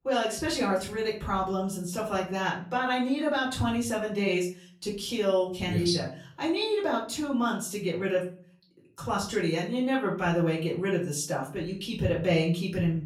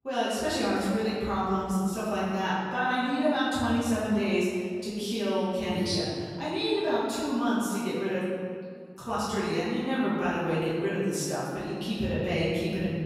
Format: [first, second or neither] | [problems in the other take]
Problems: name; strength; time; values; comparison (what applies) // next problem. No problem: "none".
first | room echo; strong; dies away in 1.8 s; slight in the first // off-mic speech; far; far in the first